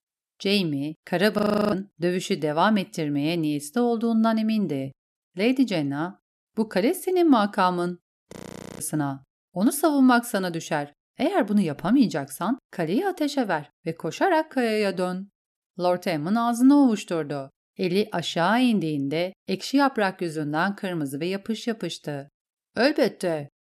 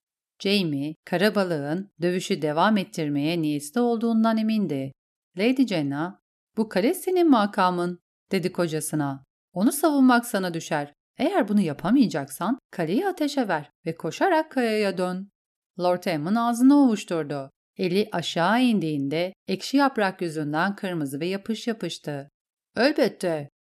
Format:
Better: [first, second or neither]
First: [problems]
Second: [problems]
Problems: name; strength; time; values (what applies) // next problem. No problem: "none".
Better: second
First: audio freezing; at 1.5 s and at 8.5 s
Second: none